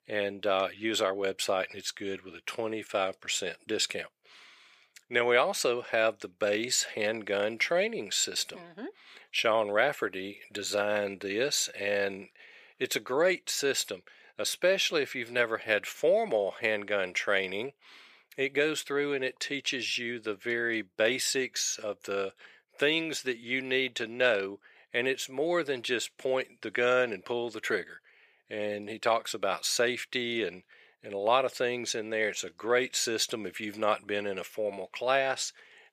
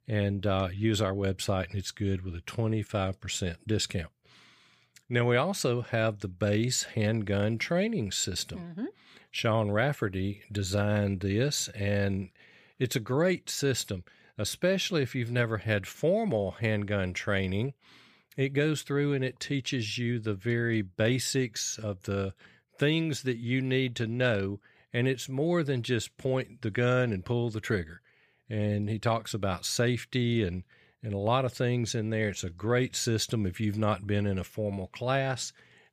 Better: second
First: thin; very; fading below 500 Hz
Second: none

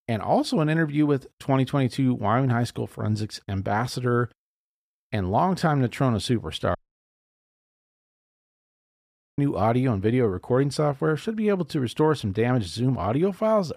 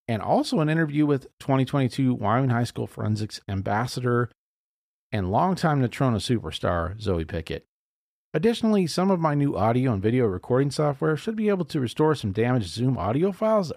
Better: second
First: audio cutting out; at 7 s for 2.5 s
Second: none

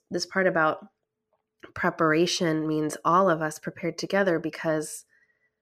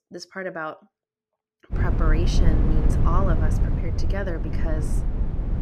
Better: first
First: none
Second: low rumble; loud; from 1.5 s on; 4 dB below the speech

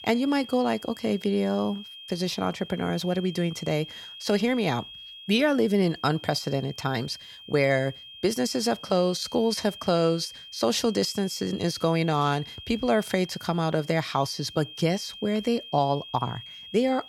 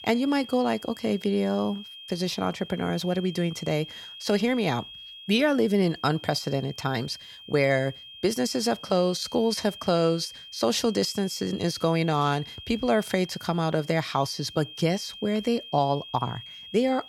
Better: neither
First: high-pitched whine; noticeable; throughout; 3 kHz, 15 dB below the speech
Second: high-pitched whine; noticeable; throughout; 3 kHz, 15 dB below the speech

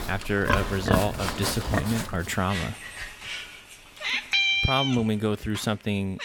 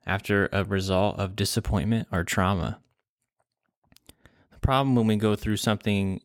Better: second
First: animal sounds; very loud; throughout; as loud as the speech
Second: none

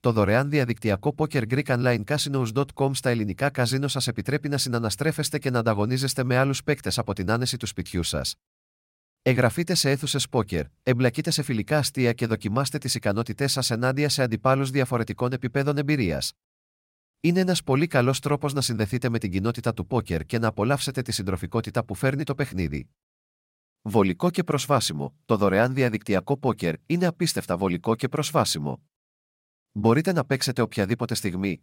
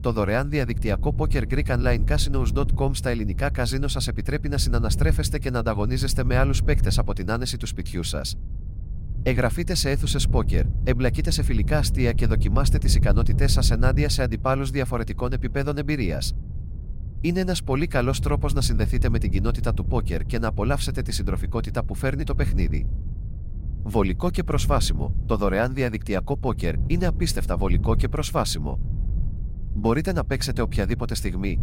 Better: first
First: none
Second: wind noise on the microphone; occasional gusts; 15 dB below the speech

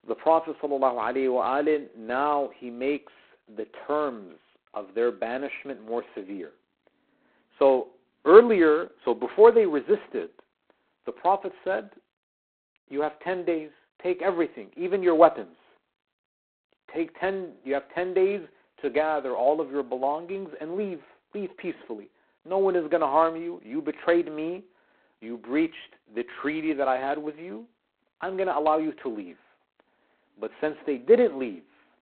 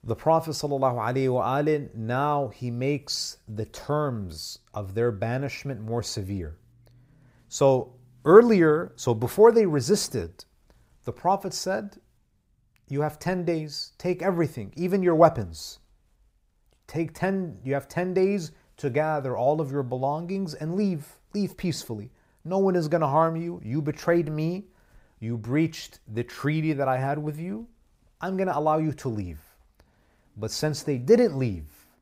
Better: second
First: phone-call audio; poor line; nothing above 4 kHz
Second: none

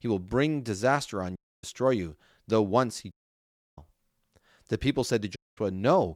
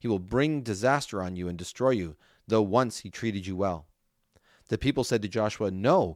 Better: second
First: audio cutting out; at 1.5 s, at 3 s for 0.5 s and at 5.5 s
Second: none

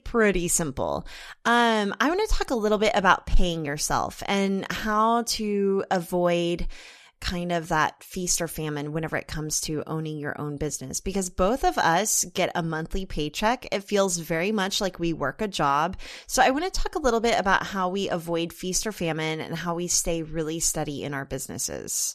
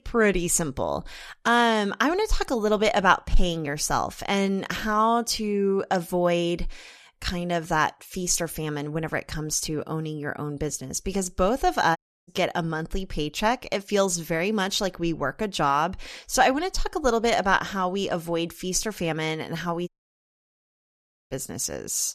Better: first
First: none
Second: audio cutting out; at 12 s and at 20 s for 1.5 s

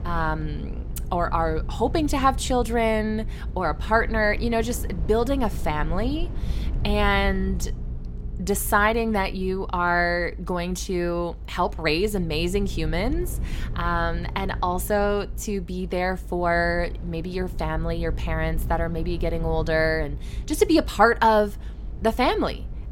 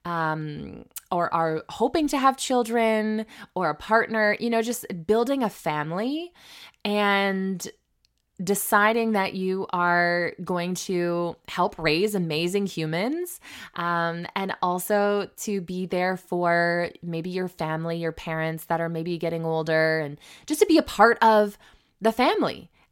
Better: second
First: low rumble; faint; throughout; 20 dB below the speech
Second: none

